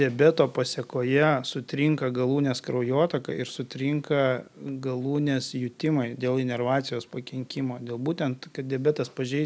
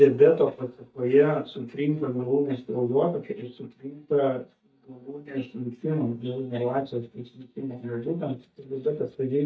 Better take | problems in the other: first | noise reduction (neural mask model DeepFilterNet 3)

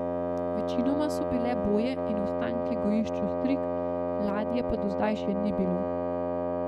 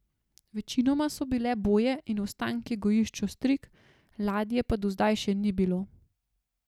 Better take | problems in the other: second | noise reduction (neural mask model RNNoise)

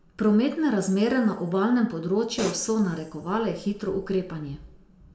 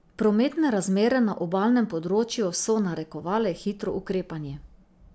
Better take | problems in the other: second | background sound (Hi-hat); 13 dB below the speech // room echo; dies away in 0.8 s

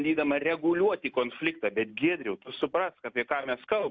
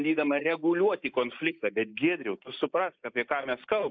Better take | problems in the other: first | noise reduction (neural mask model Resemble Enhance denoiser)

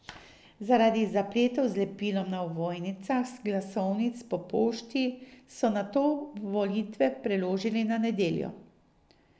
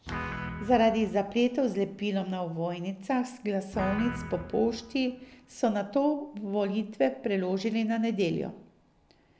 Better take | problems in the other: first | background sound (Guitar); 11 dB below the speech

